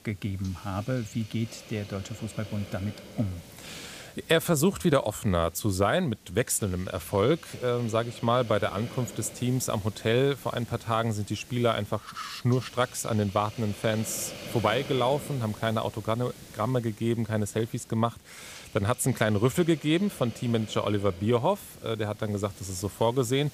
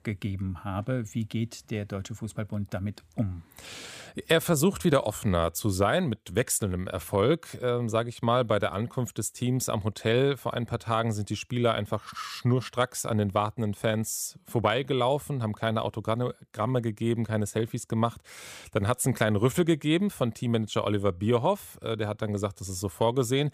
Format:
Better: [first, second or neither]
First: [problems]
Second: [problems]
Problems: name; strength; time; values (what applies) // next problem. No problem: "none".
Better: second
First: hiss; noticeable; throughout; 15 dB below the speech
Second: none